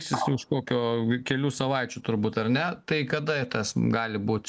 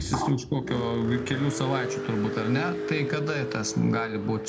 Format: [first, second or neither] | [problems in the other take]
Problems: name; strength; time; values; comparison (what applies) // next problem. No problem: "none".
first | background sound (Car); 5 dB below the speech // room echo; dies away in 0.2 s